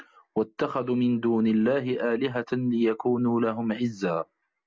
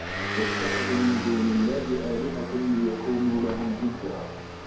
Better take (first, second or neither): first